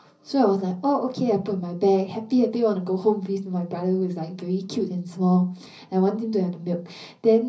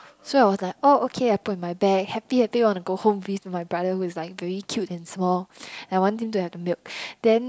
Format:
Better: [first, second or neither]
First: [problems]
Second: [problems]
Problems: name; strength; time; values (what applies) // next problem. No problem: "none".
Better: second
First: room echo; dies away in 0.5 s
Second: none